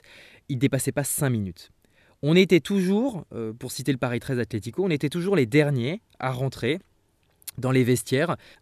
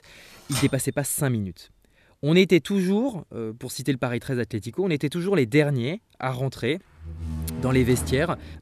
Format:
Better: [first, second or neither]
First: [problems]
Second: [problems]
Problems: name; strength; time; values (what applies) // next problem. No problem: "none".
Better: first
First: none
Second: keyboard typing; noticeable; at 0.5 s; peak 6 dB below the speech // door banging; noticeable; from 7 s on; peak 7 dB below the speech